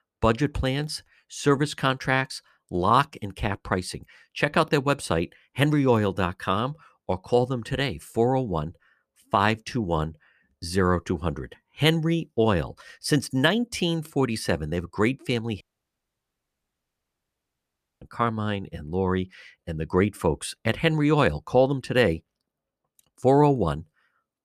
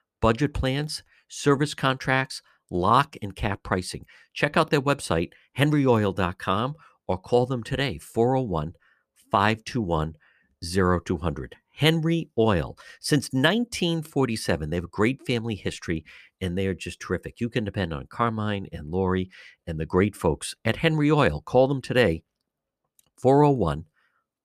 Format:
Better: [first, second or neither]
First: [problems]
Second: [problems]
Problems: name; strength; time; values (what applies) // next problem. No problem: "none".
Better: second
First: audio cutting out; at 16 s for 2.5 s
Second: none